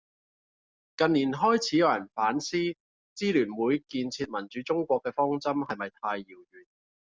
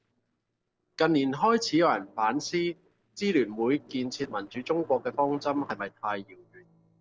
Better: first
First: none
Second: noise reduction (neural separator model SepFormer DNS4)

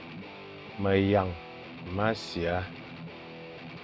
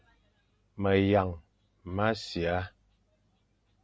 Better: second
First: background sound (Guitar); 12 dB below the speech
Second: none

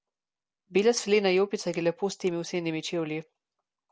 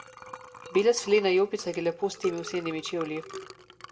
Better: first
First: none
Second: background sound (Liquid); 16 dB below the speech // room echo; dies away in 0.7 s

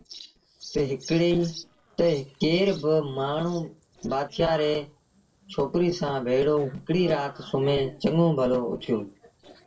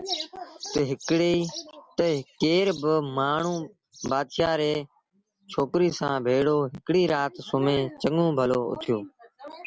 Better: second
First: noise reduction (neural separator model SepFormer DNS4)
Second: none

